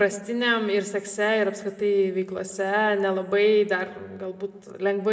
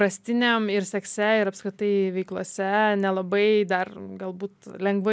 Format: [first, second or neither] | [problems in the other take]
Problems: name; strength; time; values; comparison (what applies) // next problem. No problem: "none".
second | room echo; dies away in 1.1 s